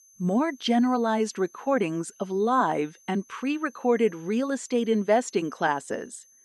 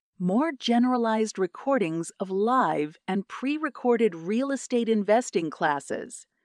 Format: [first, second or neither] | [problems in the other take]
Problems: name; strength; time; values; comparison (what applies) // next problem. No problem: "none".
second | high-pitched whine; faint; throughout; 6.5 kHz, 30 dB below the speech